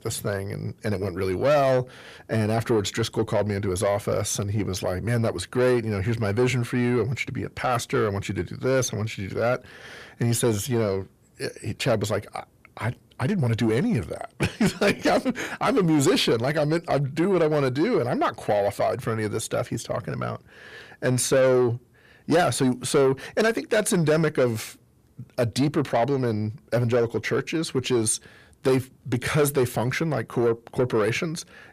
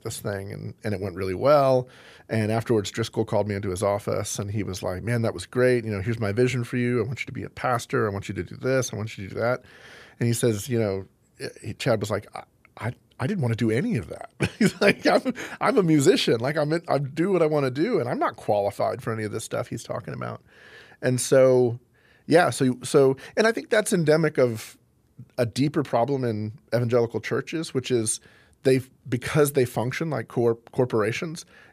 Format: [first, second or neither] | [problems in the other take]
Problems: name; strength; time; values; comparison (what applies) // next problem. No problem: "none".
second | distortion; slight; 10 dB below the speech